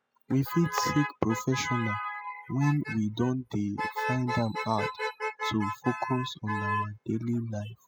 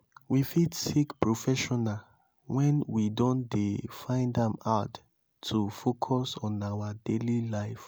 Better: second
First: noise reduction (classical method spectral subtraction)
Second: none

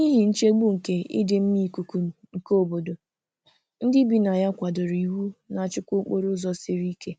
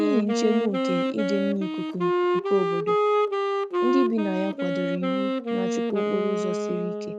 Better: first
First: none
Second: background sound (Wind instrument, woodwind instrument); 3 dB above the speech

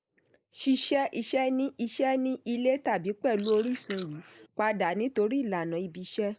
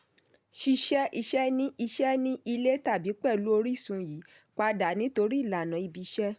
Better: second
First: noise reduction (neural mask model Resemble Enhance denoiser)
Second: none

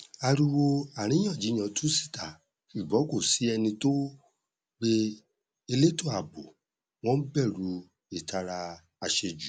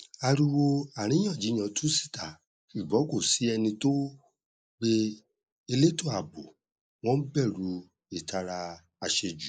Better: first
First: none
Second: noise reduction (neural mask model Resemble Enhance denoiser)

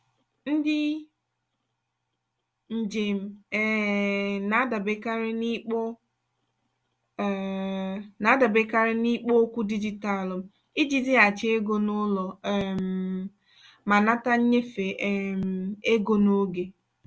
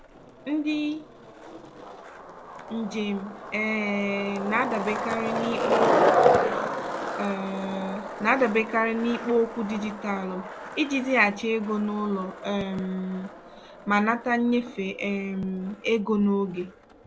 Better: first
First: none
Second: background sound (Skateboard); 3 dB below the speech

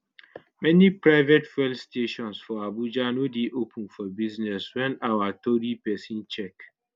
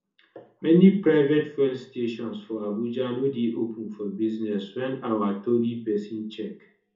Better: first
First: none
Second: room echo; dies away in 0.6 s

